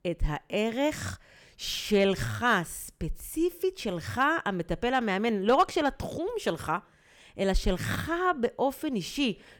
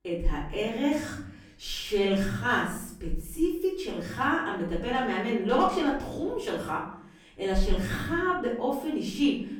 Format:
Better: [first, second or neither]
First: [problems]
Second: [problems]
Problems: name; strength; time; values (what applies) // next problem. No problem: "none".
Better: first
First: none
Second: off-mic speech; far // room echo; noticeable; dies away in 0.6 s